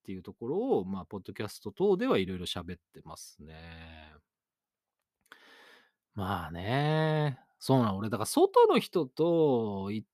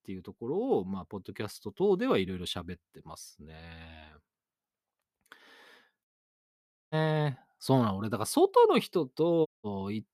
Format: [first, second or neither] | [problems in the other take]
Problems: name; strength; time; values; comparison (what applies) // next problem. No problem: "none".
first | audio cutting out; at 6 s for 1 s and at 9.5 s